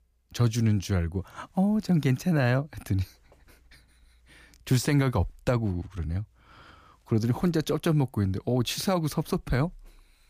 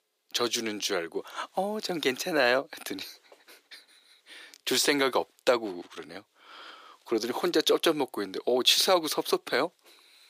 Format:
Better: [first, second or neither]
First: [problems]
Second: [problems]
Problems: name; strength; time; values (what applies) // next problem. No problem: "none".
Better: first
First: none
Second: thin; very; fading below 350 Hz